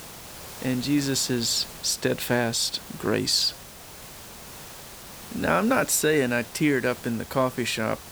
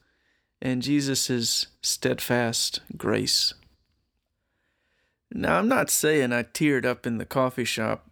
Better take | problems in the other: second | hiss; noticeable; throughout; 15 dB below the speech

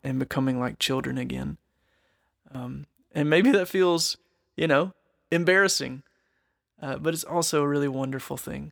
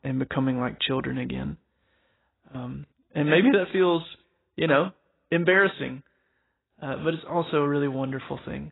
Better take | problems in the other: first | garbled, watery; badly; nothing above 4 kHz

